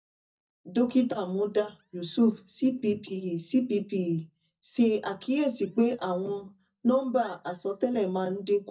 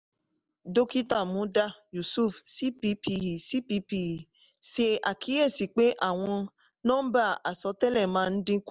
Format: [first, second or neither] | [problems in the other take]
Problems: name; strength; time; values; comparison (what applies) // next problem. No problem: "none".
second | noise reduction (neural mask model DeepFilterNet 3)